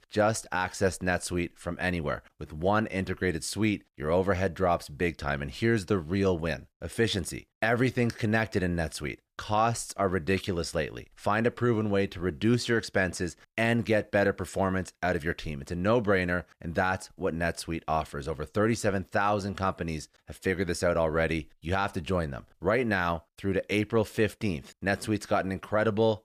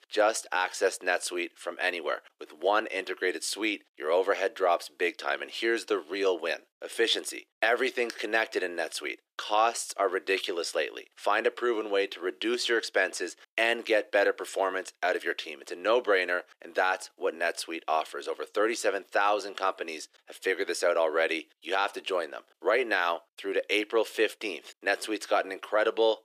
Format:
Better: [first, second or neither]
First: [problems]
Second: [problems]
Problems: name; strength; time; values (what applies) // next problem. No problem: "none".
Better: first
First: none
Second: thin; very; fading below 350 Hz